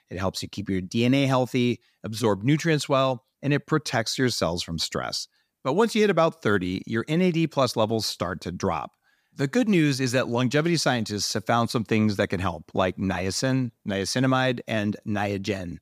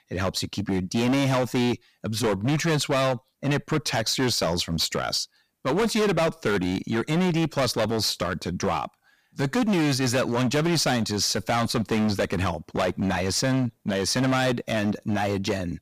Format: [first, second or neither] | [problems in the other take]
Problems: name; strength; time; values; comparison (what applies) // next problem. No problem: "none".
first | distortion; heavy; 17% of the sound clipped